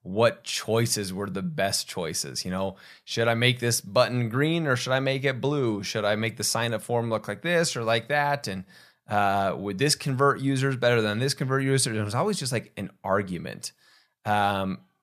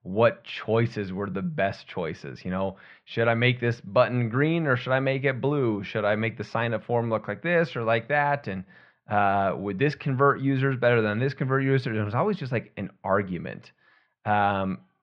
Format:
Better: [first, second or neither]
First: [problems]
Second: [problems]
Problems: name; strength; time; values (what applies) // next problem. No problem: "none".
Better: first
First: none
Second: muffled; very; fading above 3 kHz